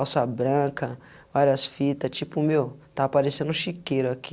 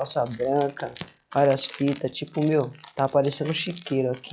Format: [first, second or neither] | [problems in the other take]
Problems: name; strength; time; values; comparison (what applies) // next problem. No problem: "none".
first | noise reduction (classical method log-MMSE)